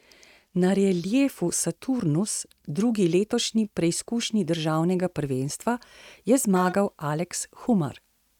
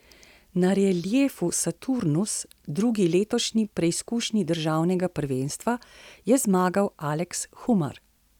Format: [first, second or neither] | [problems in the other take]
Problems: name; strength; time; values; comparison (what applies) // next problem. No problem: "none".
second | noise reduction (neural mask model RNNoise)